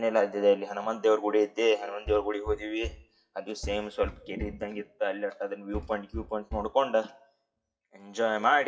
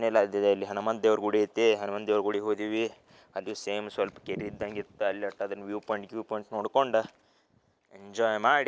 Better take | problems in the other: second | noise reduction (classical method WPE with log-MMSE)

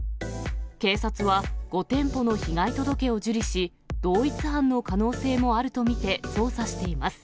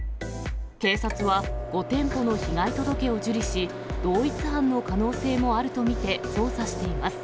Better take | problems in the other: first | background sound (Microwave oven); 9 dB below the speech

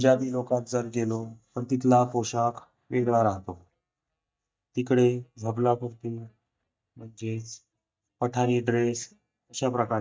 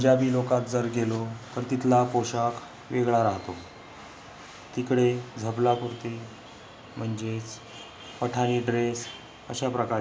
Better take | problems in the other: second | noise reduction (neural mask model DeepFilterNet 3)

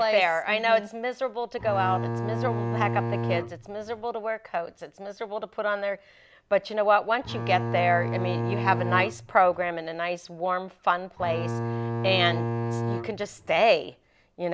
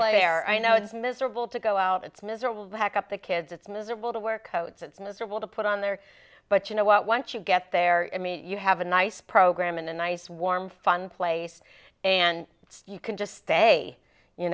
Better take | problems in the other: second | background sound (Bowed string instrument); 3 dB below the speech

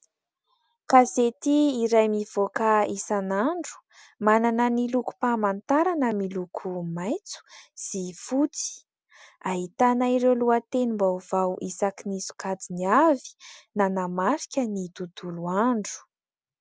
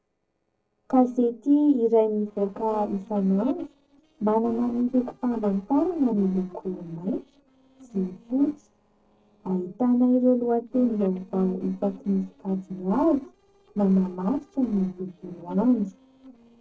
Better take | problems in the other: first | noise reduction (neural separator model SepFormer DNS4)

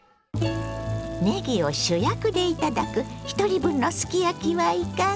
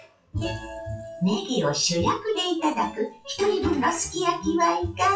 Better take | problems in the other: first | noise reduction (classical method WPE with log-MMSE)

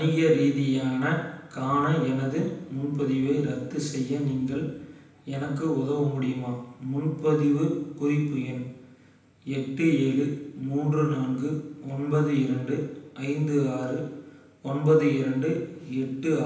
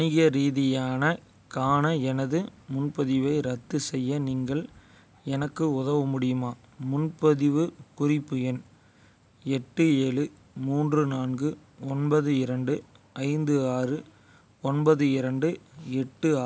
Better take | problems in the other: second | room echo; dies away in 0.9 s

